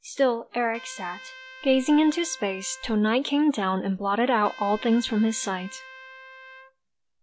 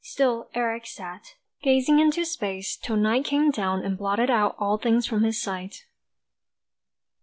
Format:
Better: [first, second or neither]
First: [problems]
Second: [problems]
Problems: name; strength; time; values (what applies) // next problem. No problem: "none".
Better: second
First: background sound (Trumpet); 20 dB below the speech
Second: none